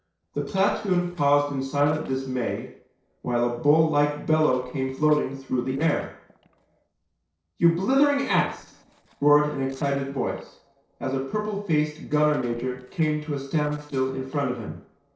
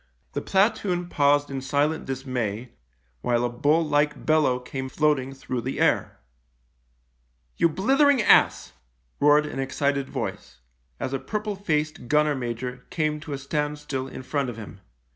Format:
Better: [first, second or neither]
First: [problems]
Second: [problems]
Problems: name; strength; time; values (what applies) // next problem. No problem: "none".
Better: second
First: noise reduction (neural separator model SepFormer DNS4)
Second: none